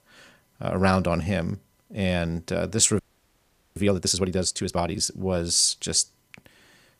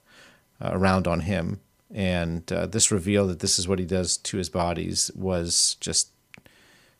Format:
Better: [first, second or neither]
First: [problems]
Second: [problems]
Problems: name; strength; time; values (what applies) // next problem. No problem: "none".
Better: second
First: audio freezing; at 3 s for 1 s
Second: none